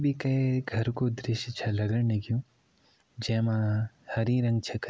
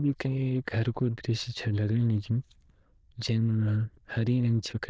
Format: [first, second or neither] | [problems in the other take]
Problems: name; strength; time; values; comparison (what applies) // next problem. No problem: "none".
first | noise reduction (neural diffusion model UNIVERSE++)